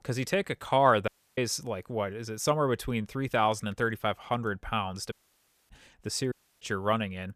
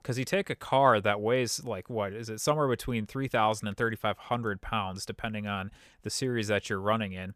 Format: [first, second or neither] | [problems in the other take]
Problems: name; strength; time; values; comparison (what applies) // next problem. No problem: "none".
second | audio cutting out; at 1 s, at 5 s for 0.5 s and at 6.5 s